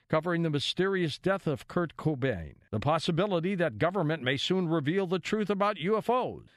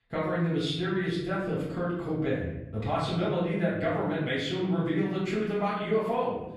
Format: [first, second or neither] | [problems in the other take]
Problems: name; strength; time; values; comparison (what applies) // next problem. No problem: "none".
first | off-mic speech; far // room echo; noticeable; dies away in 1 s